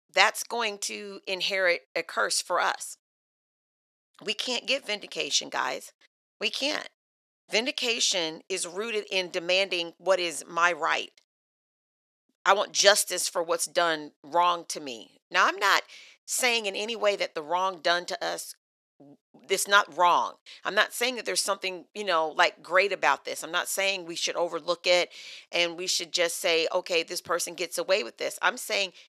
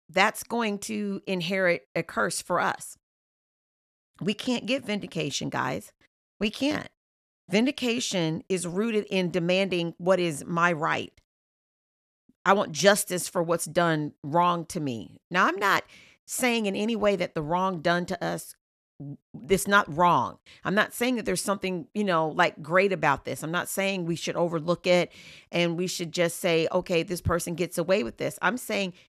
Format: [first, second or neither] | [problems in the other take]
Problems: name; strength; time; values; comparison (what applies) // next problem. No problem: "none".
second | thin; very; fading below 500 Hz